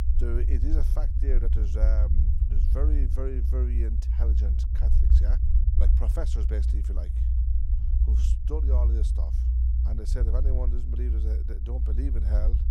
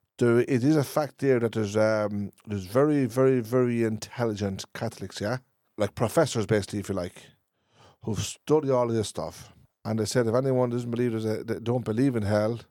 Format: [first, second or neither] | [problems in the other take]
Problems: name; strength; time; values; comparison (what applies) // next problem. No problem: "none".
second | low rumble; loud; throughout; 3 dB below the speech